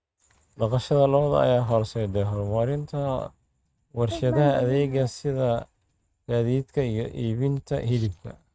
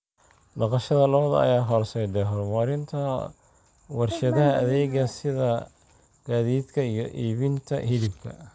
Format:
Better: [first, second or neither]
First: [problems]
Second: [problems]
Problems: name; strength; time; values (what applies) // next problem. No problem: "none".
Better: second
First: noise reduction (neural mask model RNNoise)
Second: none